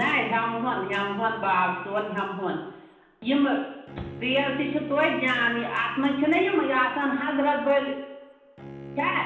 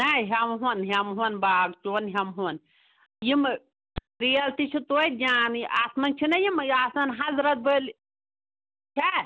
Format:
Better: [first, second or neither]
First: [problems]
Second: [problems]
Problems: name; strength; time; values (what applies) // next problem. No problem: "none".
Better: second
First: background sound (Bowed string instrument); 18 dB below the speech // room echo; dies away in 0.9 s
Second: none